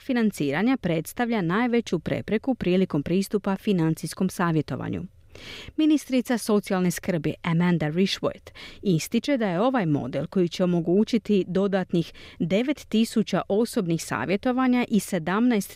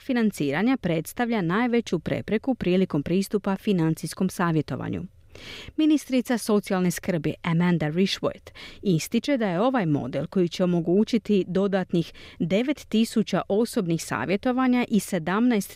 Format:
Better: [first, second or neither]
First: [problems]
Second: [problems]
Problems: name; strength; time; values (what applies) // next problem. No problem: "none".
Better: neither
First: none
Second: none